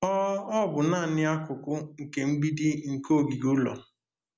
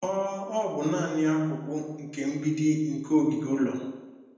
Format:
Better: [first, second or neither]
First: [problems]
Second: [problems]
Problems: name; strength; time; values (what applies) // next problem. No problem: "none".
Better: first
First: none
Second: room echo; dies away in 0.9 s